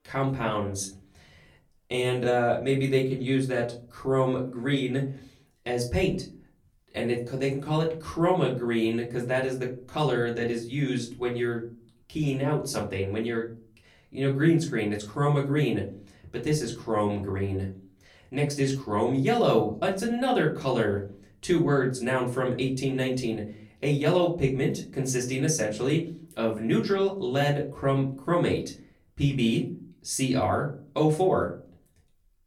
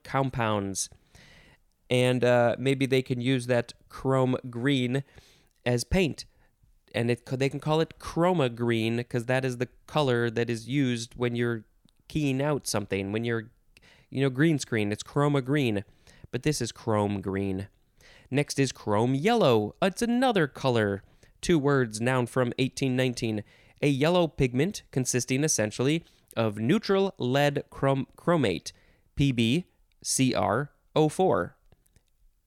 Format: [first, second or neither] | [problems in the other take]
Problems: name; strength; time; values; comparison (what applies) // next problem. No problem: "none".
second | off-mic speech; far // room echo; very slight; dies away in 0.3 s